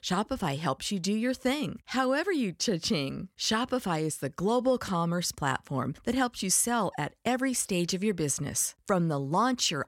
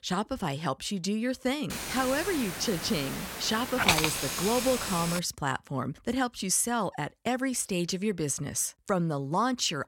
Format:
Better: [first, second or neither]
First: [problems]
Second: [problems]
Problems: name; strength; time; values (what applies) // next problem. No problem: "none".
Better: first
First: none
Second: hiss; loud; from 1.5 to 5 s; 1 dB below the speech